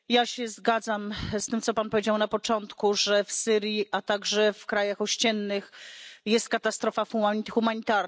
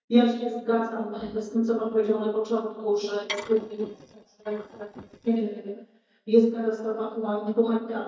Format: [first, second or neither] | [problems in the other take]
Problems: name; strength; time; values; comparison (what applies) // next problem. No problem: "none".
first | noise reduction (neural mask model DeepFilterNet 3)